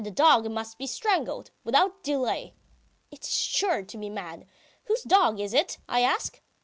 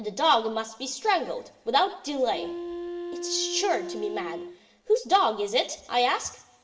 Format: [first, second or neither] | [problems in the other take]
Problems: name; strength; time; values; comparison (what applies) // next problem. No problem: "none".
first | background sound (Wind instrument, woodwind instrument); 9 dB below the speech // room echo; dies away in 0.8 s